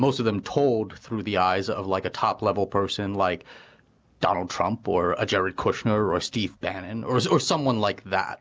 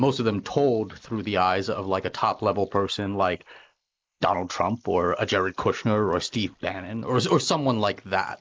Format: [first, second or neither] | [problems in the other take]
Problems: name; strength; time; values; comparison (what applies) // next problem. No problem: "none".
first | noise reduction (neural mask model Resemble Enhance denoiser)